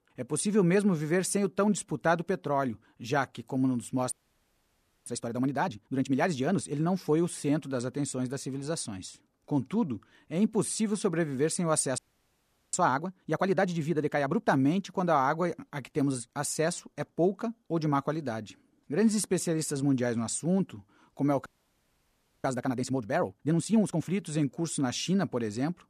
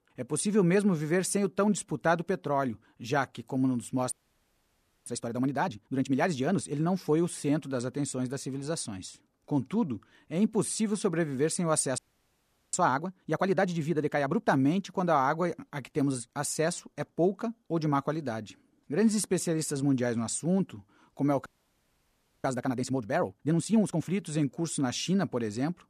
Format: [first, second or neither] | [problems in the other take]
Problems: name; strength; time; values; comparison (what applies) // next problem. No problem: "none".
neither | audio freezing; at 4 s for 1 s, at 12 s for 1 s and at 21 s for 1 s; the same in both